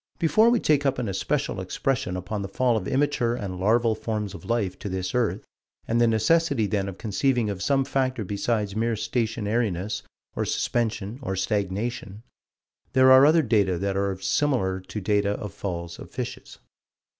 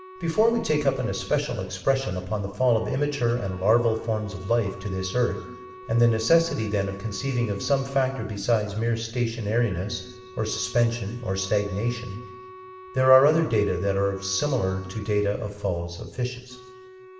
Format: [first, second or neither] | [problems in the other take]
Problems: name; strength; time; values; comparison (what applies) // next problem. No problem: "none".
first | background sound (Wind instrument, woodwind instrument); 19 dB below the speech // room echo; dies away in 1.1 s